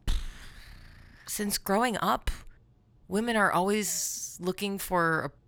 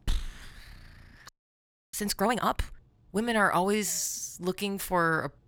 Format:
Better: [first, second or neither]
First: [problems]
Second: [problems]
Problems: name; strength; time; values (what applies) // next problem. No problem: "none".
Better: first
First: none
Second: audio freezing; at 1.5 s for 0.5 s